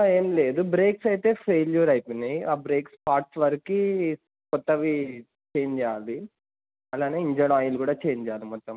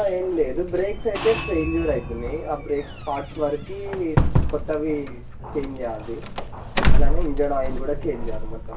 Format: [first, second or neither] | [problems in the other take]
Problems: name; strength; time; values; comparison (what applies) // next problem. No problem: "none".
first | background sound (Doorbell); 4 dB above the speech // room echo; dies away in 0.2 s